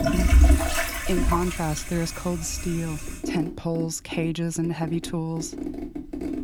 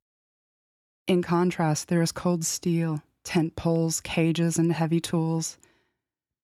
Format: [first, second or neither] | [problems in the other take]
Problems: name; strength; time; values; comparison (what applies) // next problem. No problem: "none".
second | household noises; very loud; throughout; 1 dB above the speech